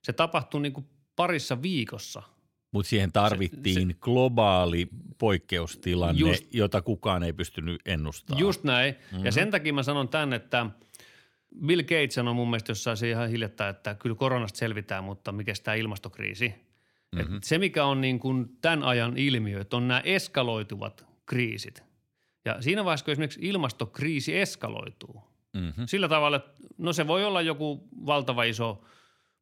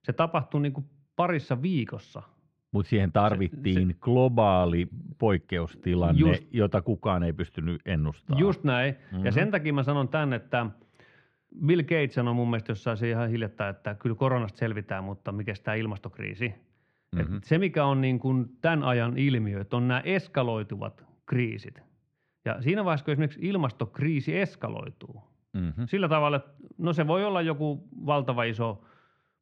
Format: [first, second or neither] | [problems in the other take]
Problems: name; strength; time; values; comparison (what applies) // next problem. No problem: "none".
first | muffled; very; fading above 2 kHz